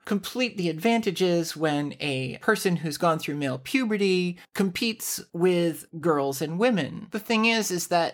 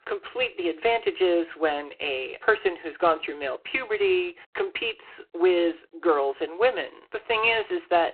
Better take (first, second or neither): first